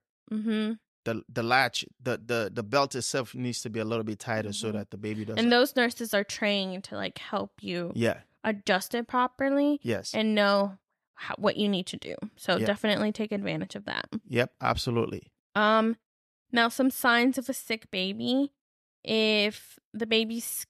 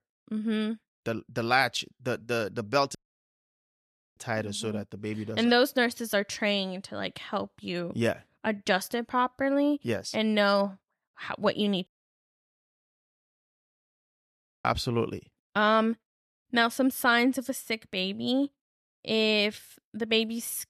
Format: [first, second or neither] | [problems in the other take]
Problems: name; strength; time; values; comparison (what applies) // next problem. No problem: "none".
first | audio cutting out; at 3 s for 1 s and at 12 s for 3 s